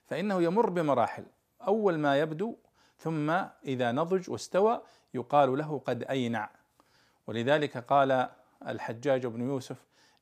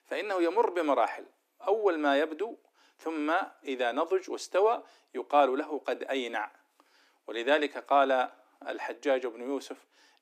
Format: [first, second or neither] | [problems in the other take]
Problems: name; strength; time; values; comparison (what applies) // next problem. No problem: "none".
first | thin; very slightly; fading below 300 Hz